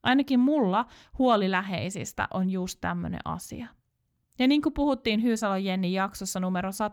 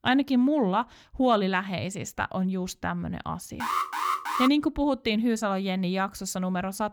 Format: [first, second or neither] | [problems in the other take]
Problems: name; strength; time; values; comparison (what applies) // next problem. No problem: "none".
first | alarm; noticeable; at 3.5 s; peak level with the speech